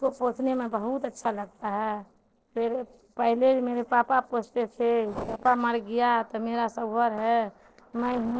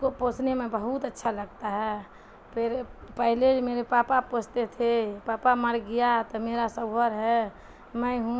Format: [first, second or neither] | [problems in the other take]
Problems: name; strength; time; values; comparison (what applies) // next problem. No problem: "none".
second | noise reduction (neural separator model SepFormer DNS4)